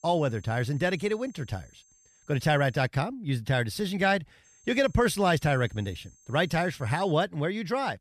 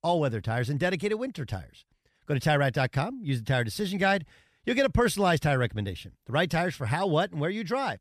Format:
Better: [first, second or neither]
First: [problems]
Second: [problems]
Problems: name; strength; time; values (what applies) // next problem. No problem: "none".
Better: second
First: high-pitched whine; faint; until 3 s and from 4.5 to 7 s; 6.5 kHz, 30 dB below the speech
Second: none